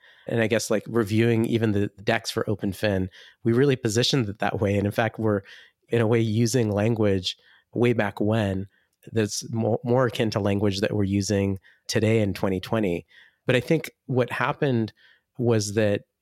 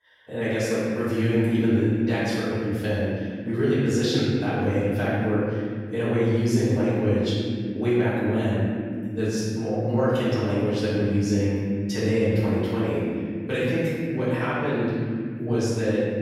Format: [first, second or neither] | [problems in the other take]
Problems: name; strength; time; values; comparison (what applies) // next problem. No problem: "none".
first | off-mic speech; far // room echo; strong; dies away in 2.8 s